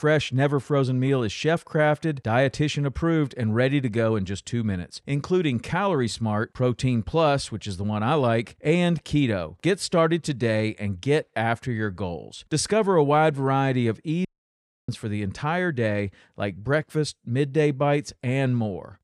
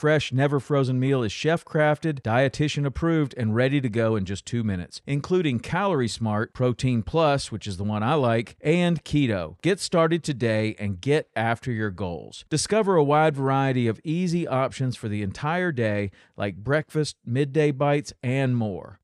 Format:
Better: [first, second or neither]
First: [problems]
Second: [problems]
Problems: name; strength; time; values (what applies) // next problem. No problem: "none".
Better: second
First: audio cutting out; at 14 s for 0.5 s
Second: none